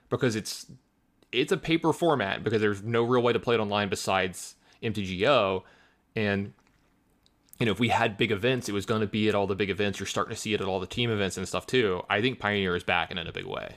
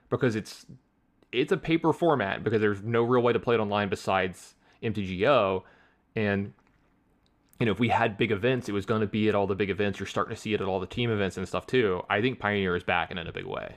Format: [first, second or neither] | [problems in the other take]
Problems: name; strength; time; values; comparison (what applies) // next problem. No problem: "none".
first | muffled; slightly; fading above 3.5 kHz